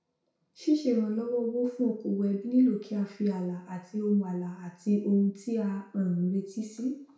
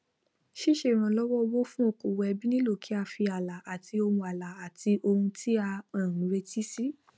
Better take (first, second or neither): second